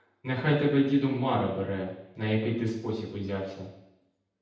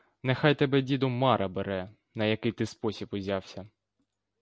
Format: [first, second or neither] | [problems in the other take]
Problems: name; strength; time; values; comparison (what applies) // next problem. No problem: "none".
second | room echo; dies away in 0.8 s